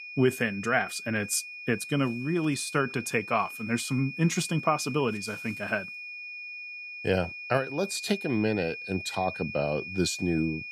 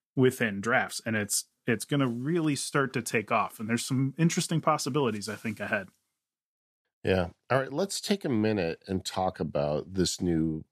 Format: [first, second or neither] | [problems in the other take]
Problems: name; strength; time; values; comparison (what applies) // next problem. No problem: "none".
second | high-pitched whine; loud; throughout; 2.5 kHz, 9 dB below the speech